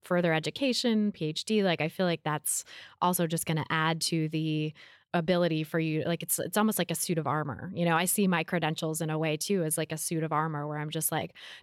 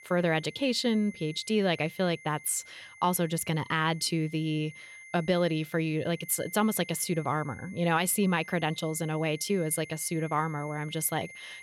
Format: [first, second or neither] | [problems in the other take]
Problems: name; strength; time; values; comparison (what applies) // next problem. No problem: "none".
first | high-pitched whine; noticeable; throughout; 2 kHz, 20 dB below the speech